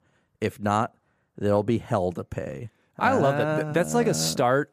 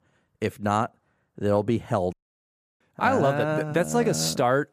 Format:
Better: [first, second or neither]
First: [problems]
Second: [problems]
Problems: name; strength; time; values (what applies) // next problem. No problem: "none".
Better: first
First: none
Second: audio cutting out; at 2 s for 0.5 s